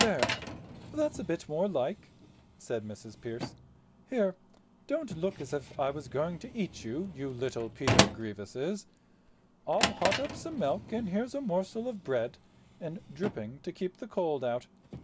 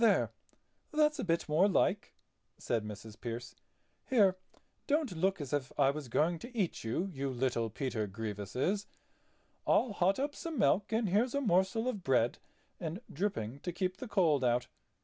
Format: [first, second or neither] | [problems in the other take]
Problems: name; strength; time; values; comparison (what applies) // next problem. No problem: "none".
second | background sound (Drawer open or close); 3 dB below the speech